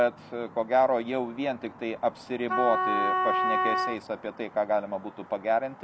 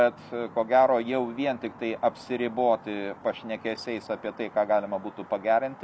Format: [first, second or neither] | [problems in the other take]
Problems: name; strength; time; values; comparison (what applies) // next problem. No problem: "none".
second | background sound (Wind instrument, woodwind instrument); 1 dB above the speech